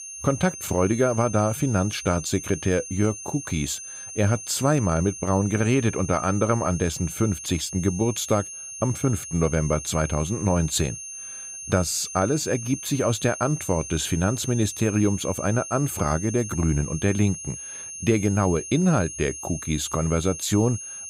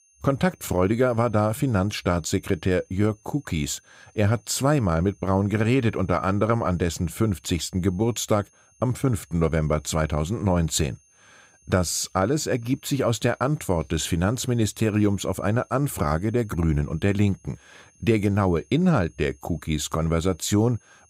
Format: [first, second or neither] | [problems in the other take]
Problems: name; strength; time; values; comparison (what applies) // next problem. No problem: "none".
second | high-pitched whine; loud; throughout; 6.5 kHz, 10 dB below the speech; faint in the second